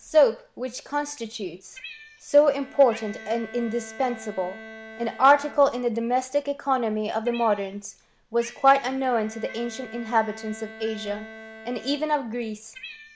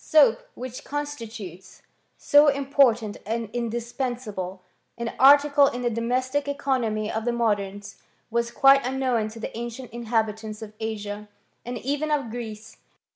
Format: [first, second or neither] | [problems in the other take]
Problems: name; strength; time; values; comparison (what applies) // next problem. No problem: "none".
second | background sound (Bowed string instrument + Cat); 19 dB below the speech